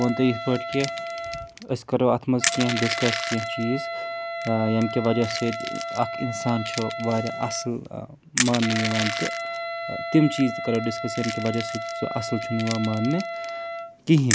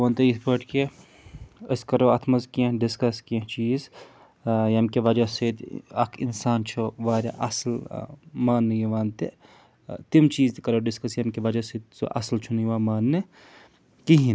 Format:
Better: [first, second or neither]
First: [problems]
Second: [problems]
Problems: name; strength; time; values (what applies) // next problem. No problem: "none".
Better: second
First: background sound (Wind instrument, woodwind instrument + Crushing); 5 dB below the speech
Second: none